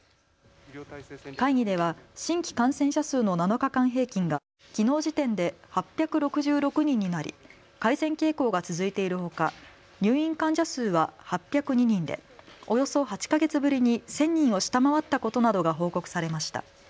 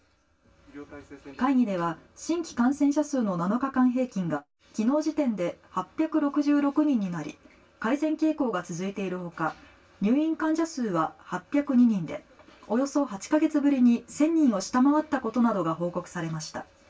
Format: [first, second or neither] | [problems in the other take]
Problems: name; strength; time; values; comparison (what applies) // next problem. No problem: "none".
first | room echo; dies away in 0.1 s